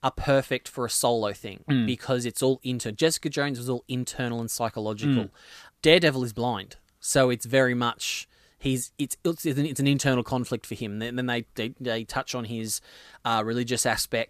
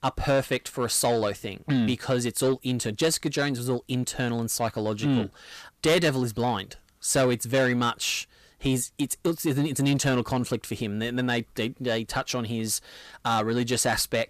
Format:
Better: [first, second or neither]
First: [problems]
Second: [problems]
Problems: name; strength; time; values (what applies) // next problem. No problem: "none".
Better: first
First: none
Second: distortion; slight; 10 dB below the speech